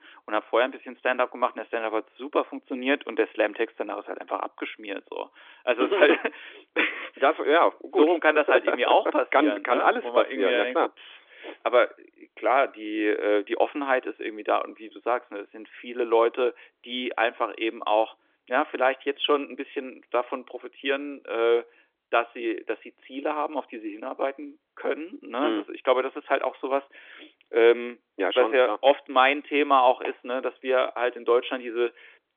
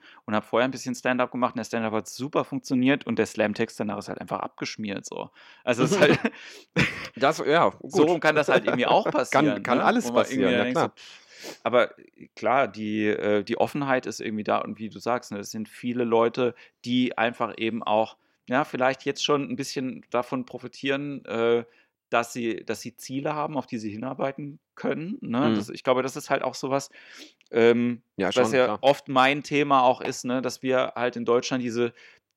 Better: second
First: phone-call audio; nothing above 3.5 kHz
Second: none

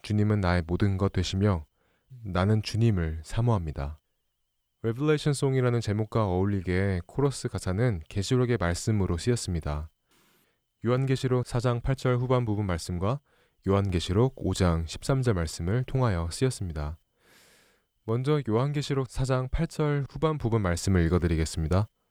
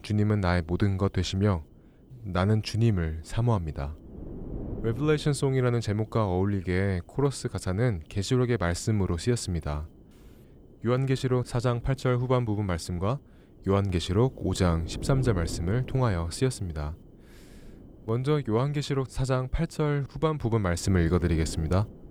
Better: first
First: none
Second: wind noise on the microphone; occasional gusts; 20 dB below the speech

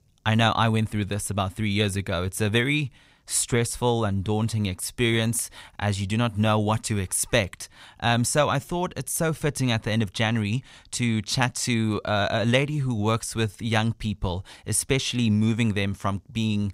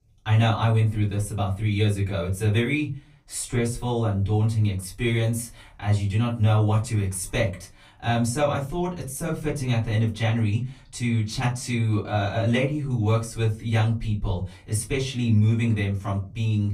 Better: first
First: none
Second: off-mic speech; far // room echo; very slight; dies away in 0.3 s

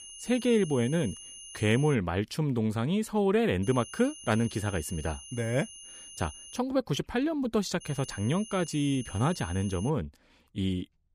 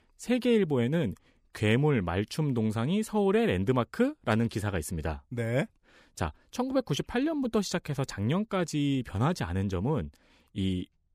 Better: second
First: high-pitched whine; noticeable; until 2 s, from 3.5 to 6.5 s and from 8 to 10 s; 3 kHz, 15 dB below the speech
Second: none

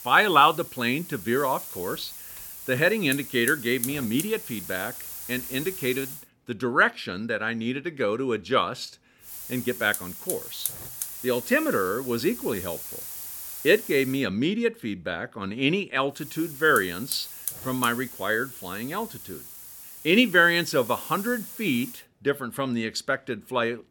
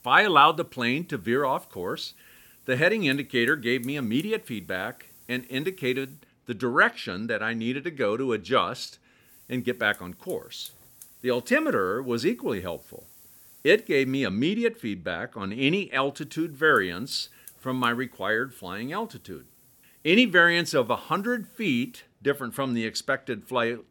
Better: second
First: hiss; loud; until 6 s, from 9.5 to 14 s and from 16 to 22 s; 10 dB below the speech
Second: hiss; faint; until 6 s, from 9.5 to 14 s and from 16 to 22 s; 25 dB below the speech

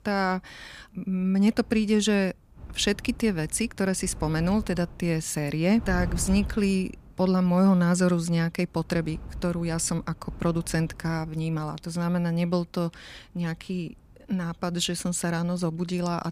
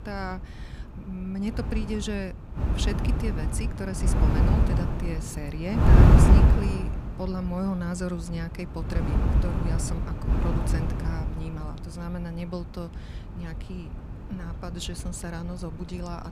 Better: first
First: wind noise on the microphone; occasional gusts; 20 dB below the speech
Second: wind noise on the microphone; heavy; 4 dB above the speech

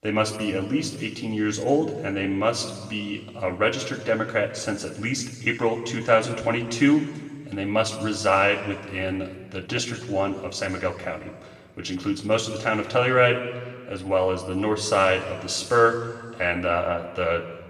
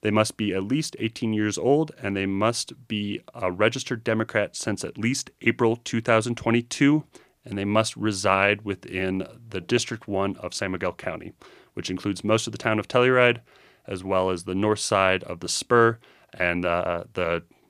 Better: second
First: room echo; noticeable; dies away in 1.4 s // off-mic speech; somewhat distant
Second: none

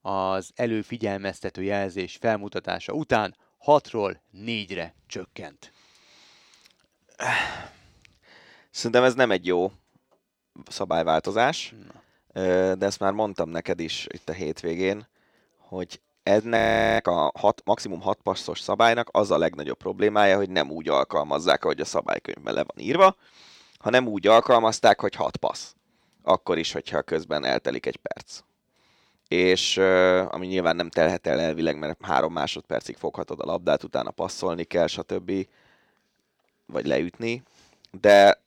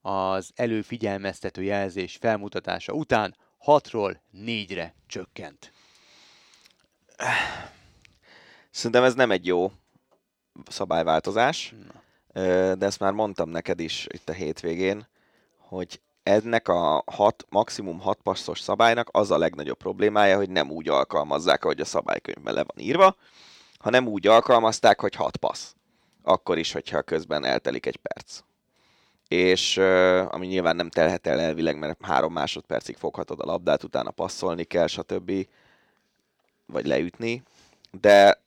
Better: second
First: audio freezing; at 17 s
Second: none

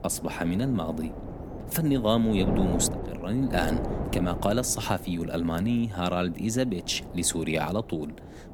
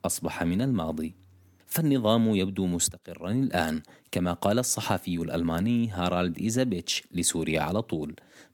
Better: second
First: wind noise on the microphone; heavy; 9 dB below the speech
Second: none

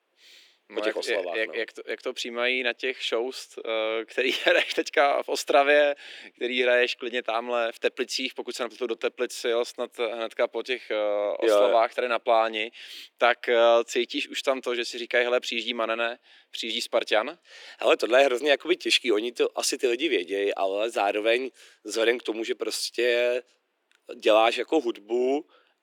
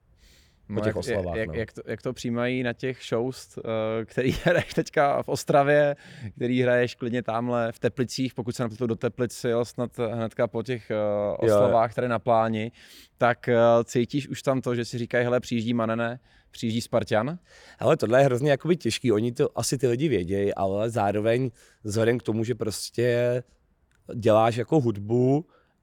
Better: second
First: thin; somewhat; fading below 300 Hz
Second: none

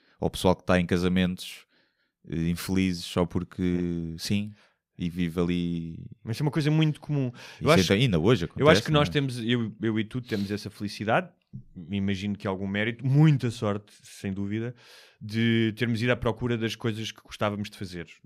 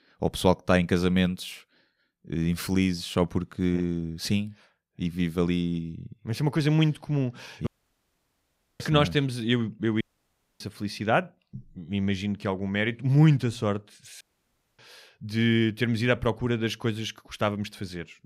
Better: first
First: none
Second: audio cutting out; at 7.5 s for 1 s, at 10 s for 0.5 s and at 14 s for 0.5 s

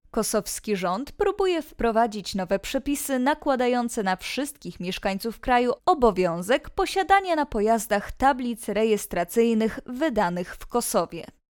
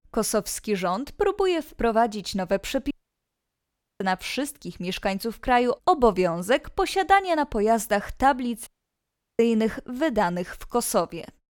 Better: first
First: none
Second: audio cutting out; at 3 s for 1 s and at 8.5 s for 0.5 s

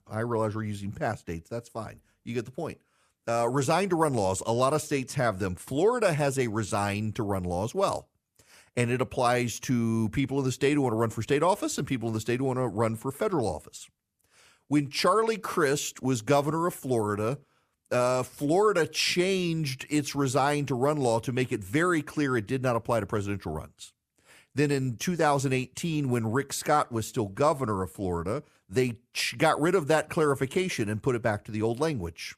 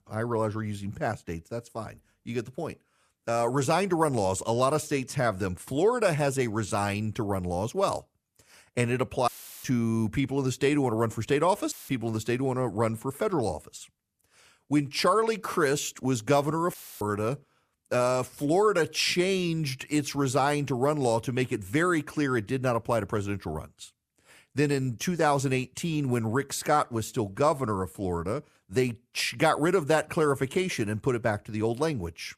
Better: first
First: none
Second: audio cutting out; filled with static; at 9.5 s, at 12 s and at 17 s

